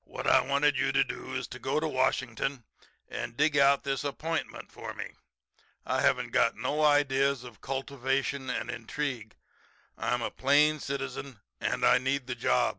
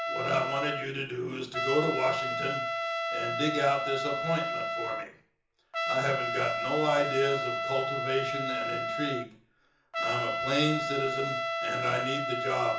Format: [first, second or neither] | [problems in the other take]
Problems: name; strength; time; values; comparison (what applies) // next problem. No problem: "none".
first | background sound (Trumpet); as loud as the speech // room echo; dies away in 0.6 s